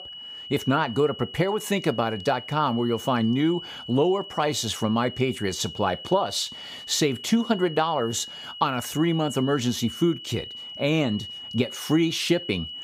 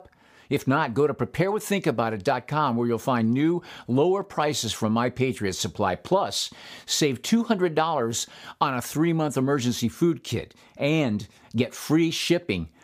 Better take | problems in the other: second | high-pitched whine; noticeable; throughout; 3 kHz, 10 dB below the speech

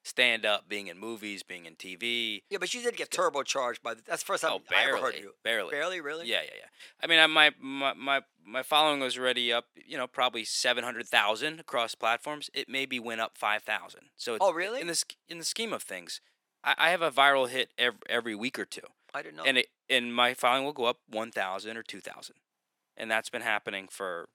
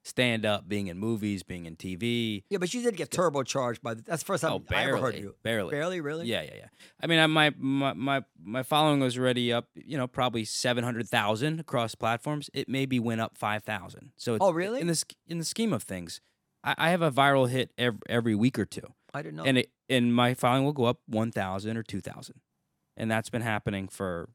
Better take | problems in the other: second | thin; somewhat; fading below 450 Hz

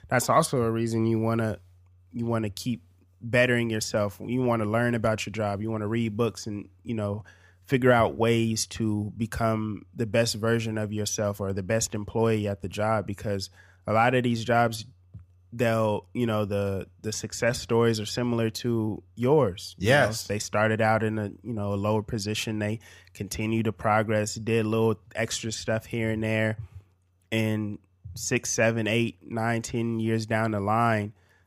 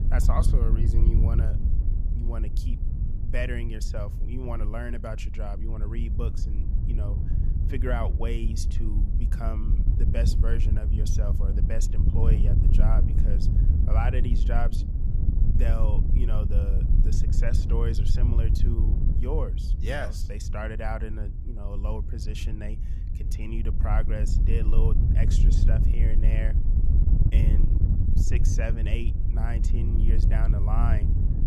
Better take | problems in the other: first | wind noise on the microphone; heavy; 4 dB below the speech

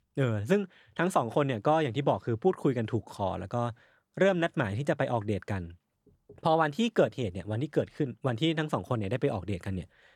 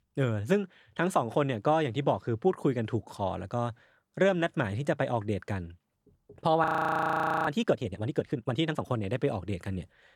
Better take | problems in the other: first | audio freezing; at 6.5 s for 1 s

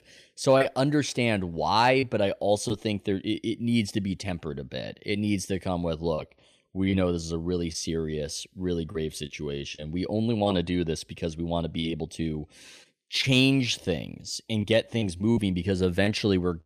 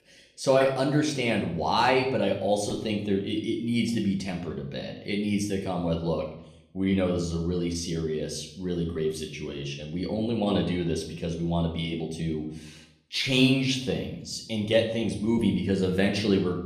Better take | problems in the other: first | room echo; slight; dies away in 0.6 s // off-mic speech; somewhat distant

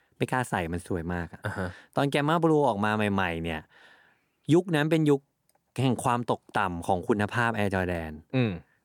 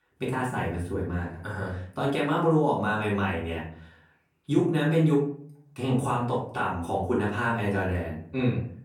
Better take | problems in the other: first | off-mic speech; far // room echo; noticeable; dies away in 0.5 s

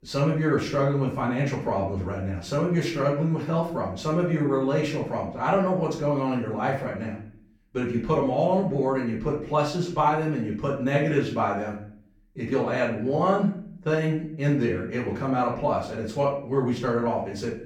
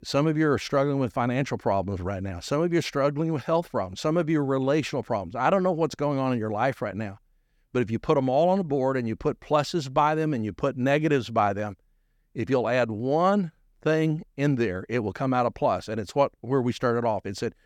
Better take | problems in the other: second | off-mic speech; far // room echo; noticeable; dies away in 0.5 s

